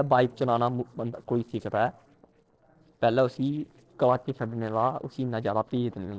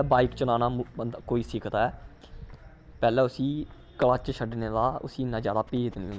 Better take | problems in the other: second | noise reduction (neural separator model SepFormer DNS4)

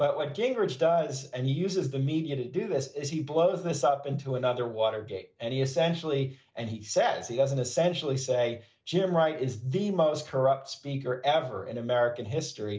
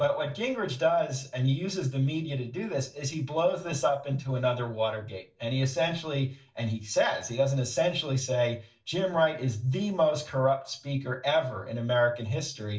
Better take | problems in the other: first | room echo; dies away in 0.2 s

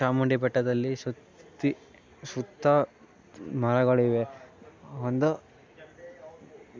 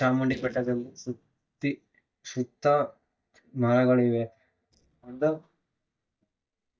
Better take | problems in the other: first | noise reduction (neural mask model DeepFilterNet 3)

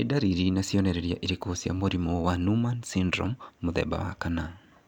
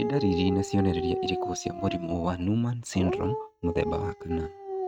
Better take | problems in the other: first | noise reduction (neural mask model RNNoise)

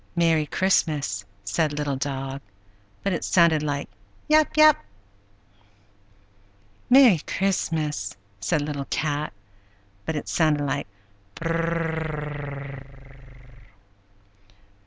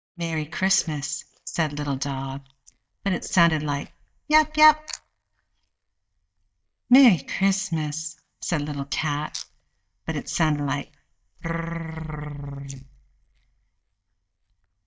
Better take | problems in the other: first | noise reduction (neural mask model DeepFilterNet 3)

